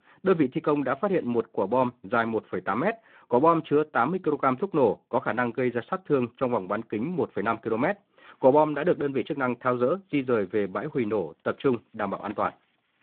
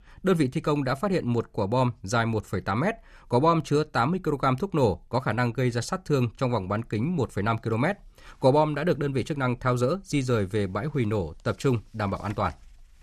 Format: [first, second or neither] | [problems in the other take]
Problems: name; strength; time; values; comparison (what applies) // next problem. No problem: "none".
second | phone-call audio; nothing above 4 kHz